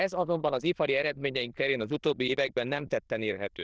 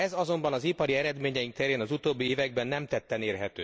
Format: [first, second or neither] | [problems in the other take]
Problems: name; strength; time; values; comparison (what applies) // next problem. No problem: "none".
second | noise reduction (neural diffusion model UNIVERSE++)